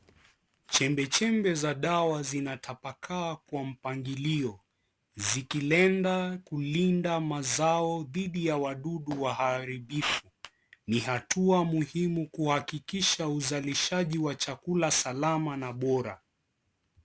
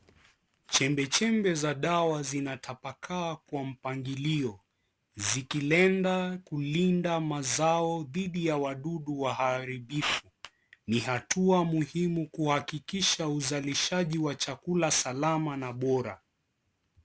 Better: second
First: background sound (Fireworks); 19 dB below the speech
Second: none

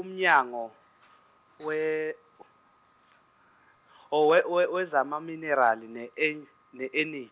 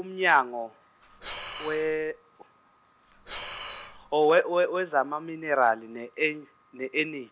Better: first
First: none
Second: background sound (Breathing); 14 dB below the speech

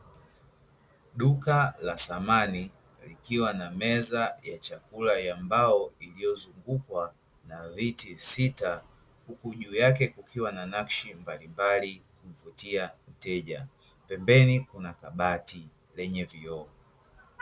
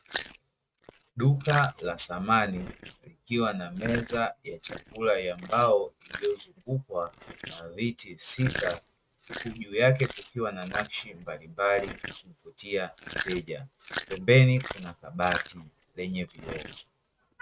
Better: first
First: none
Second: noise reduction (neural mask model RNNoise)

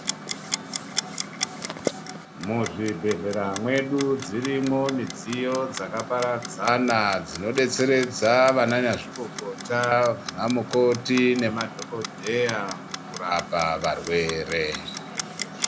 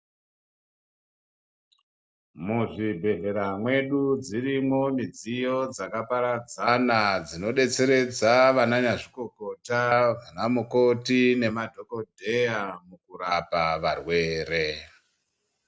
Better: second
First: background sound (Clock); 9 dB below the speech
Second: none

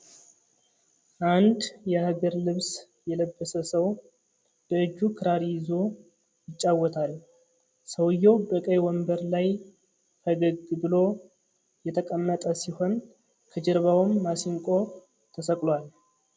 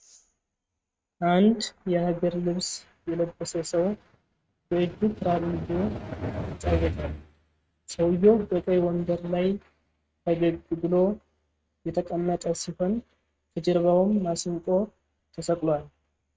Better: first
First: none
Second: noise reduction (neural mask model RNNoise)

